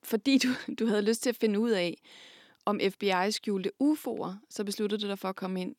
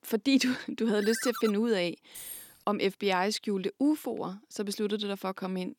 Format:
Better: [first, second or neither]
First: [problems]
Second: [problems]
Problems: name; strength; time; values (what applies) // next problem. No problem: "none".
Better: first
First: none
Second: phone ringing; noticeable; at 1 s; peak 7 dB below the speech // jangling keys; faint; at 2 s; peak 10 dB below the speech